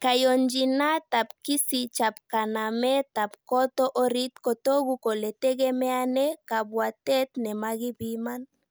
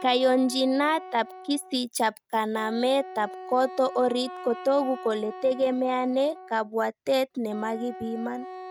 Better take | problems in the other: first | noise reduction (neural mask model RNNoise)

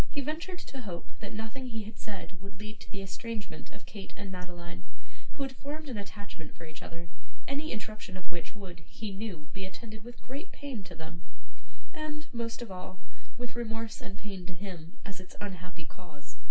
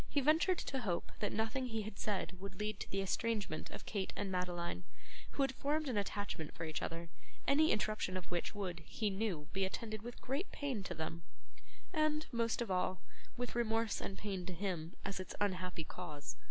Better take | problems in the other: second | room echo; dies away in 0.2 s

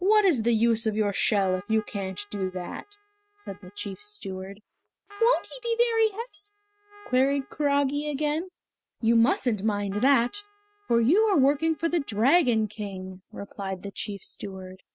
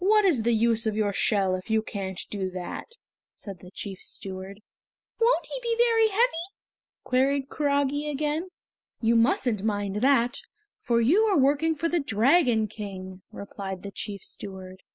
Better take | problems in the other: second | noise reduction (neural mask model RNNoise)

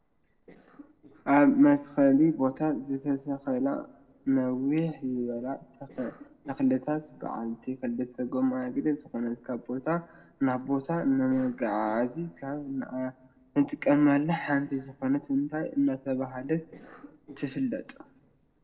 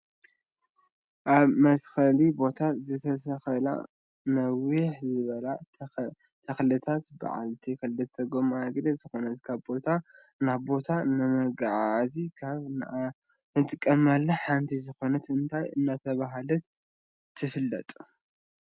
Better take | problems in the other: second | noise reduction (neural separator model SepFormer DNS4)

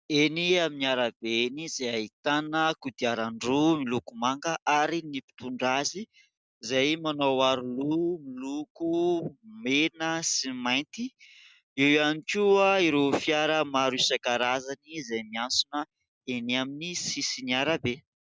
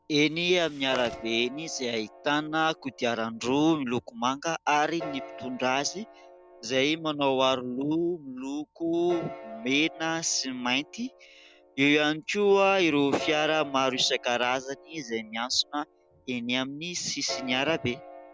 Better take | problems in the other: first | background sound (Piano + Chewing, mastication); 17 dB below the speech

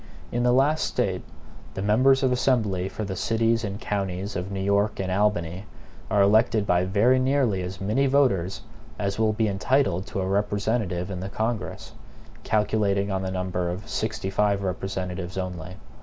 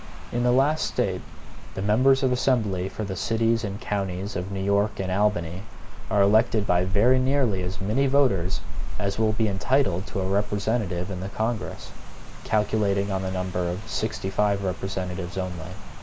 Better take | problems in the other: first | background sound (Rain); 2 dB below the speech

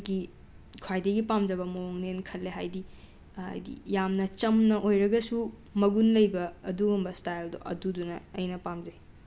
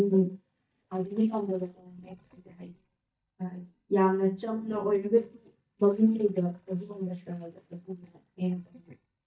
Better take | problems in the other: first | noise reduction (neural mask model DeepFilterNet 3)

